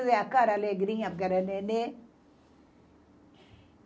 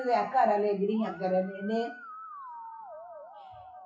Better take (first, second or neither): first